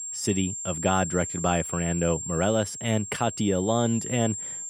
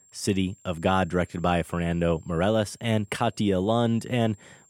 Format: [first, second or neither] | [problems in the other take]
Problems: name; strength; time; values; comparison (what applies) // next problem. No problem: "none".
second | high-pitched whine; loud; throughout; 7.5 kHz, 6 dB below the speech; faint in the second